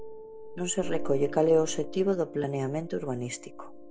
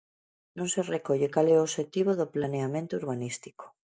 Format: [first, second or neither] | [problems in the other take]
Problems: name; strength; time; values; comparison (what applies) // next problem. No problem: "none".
second | background sound (Piano); 7 dB below the speech